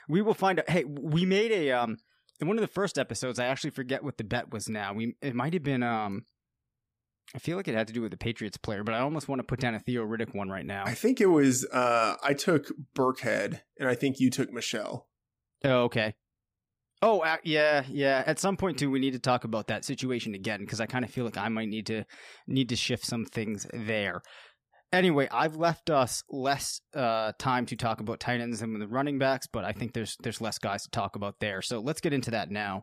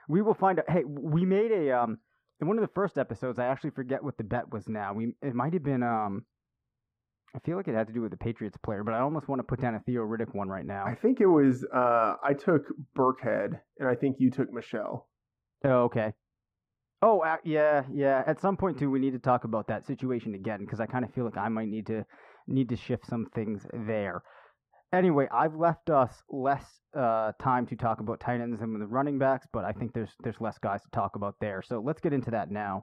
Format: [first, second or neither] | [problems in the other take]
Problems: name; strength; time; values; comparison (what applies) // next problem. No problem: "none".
first | muffled; very; fading above 2.5 kHz